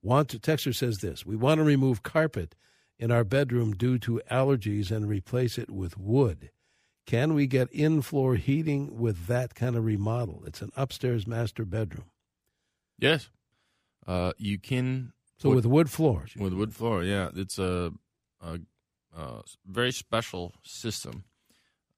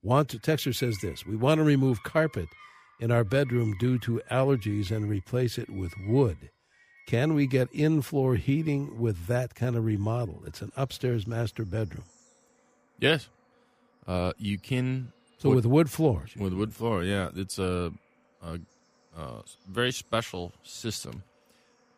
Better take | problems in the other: first | animal sounds; faint; throughout; 25 dB below the speech

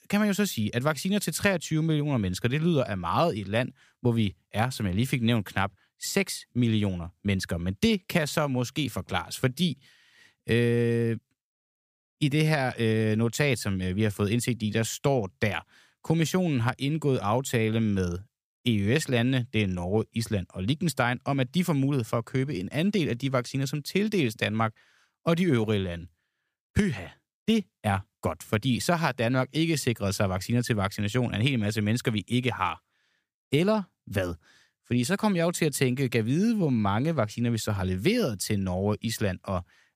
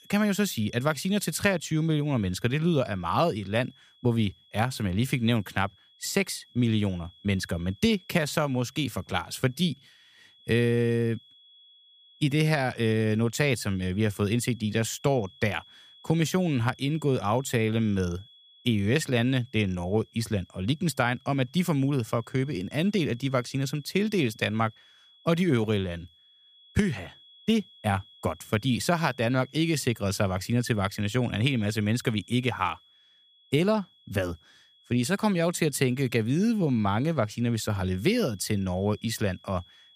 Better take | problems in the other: first | high-pitched whine; faint; throughout; 3.5 kHz, 25 dB below the speech

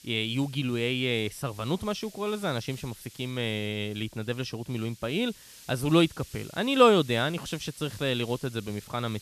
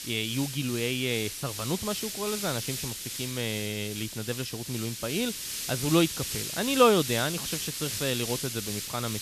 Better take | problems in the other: first | hiss; loud; throughout; 4 dB below the speech; faint in the first

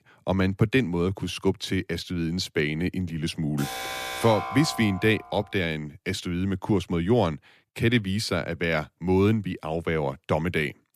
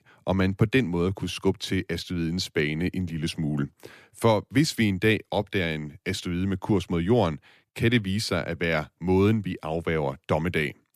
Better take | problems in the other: second | alarm; noticeable; from 3.5 to 5.5 s; peak 5 dB below the speech

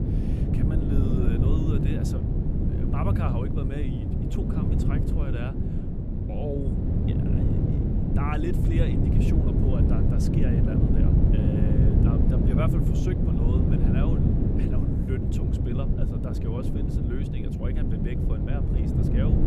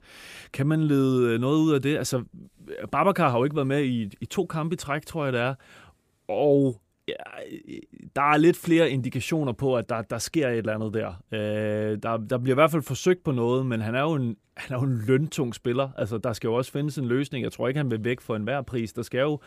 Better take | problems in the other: second | wind noise on the microphone; heavy; 4 dB above the speech

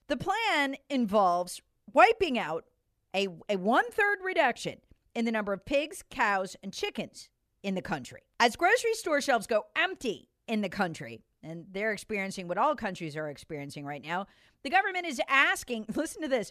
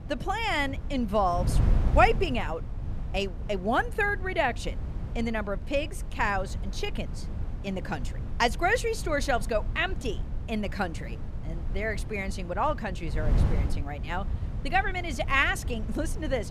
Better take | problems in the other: first | wind noise on the microphone; occasional gusts; 20 dB below the speech

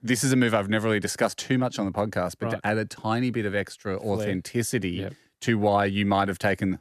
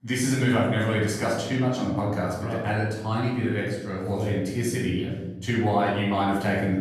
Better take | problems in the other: first | off-mic speech; far // room echo; noticeable; dies away in 1.3 s

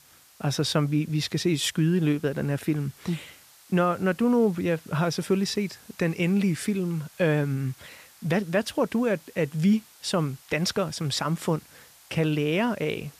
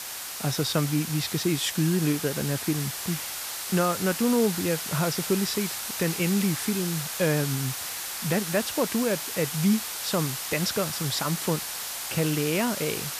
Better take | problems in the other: first | hiss; loud; throughout; 4 dB below the speech; faint in the first

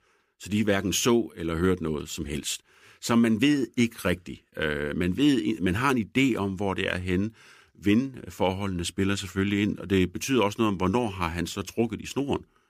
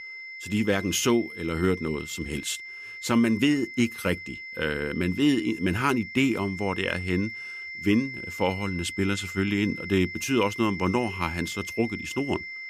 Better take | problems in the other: first | high-pitched whine; loud; throughout; 2 kHz, 9 dB below the speech

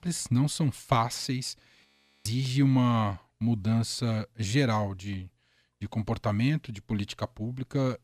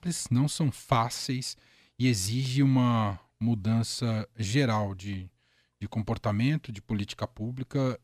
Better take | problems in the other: second | audio freezing; at 2 s

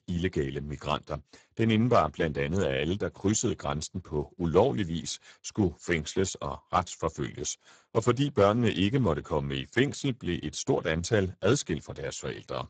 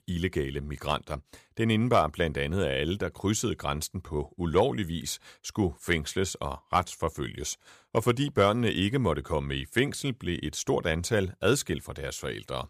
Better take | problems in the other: second | garbled, watery; badly; nothing above 7.5 kHz

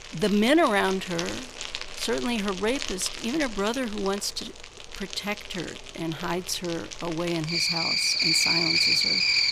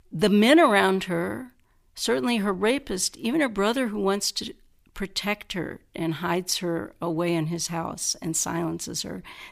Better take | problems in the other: second | animal sounds; very loud; throughout; 3 dB above the speech

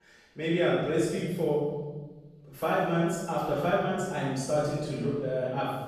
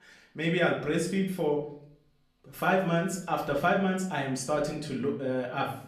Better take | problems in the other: second | room echo; strong; dies away in 1.5 s; slight in the second // off-mic speech; far; far in the second

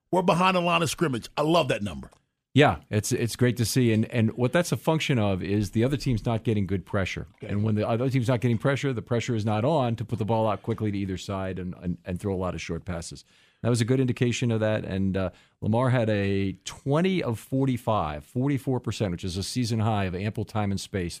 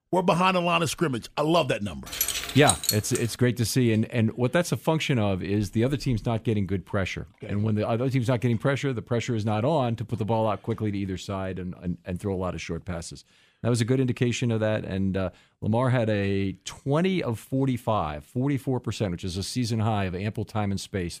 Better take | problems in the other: first | jangling keys; loud; from 2 to 3 s; peak 2 dB above the speech

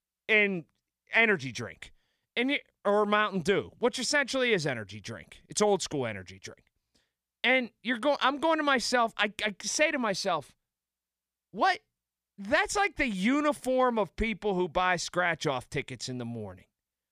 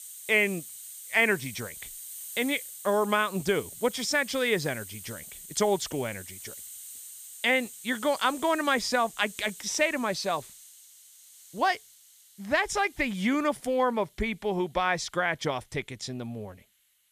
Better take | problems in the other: first | hiss; noticeable; throughout; 15 dB below the speech

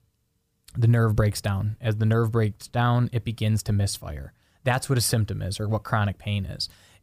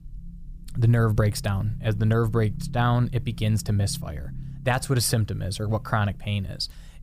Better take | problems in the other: first | low rumble; faint; throughout; 20 dB below the speech

